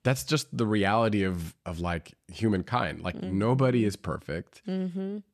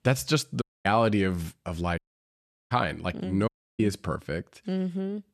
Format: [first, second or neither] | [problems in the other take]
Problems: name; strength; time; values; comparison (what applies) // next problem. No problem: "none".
first | audio cutting out; at 0.5 s, at 2 s for 0.5 s and at 3.5 s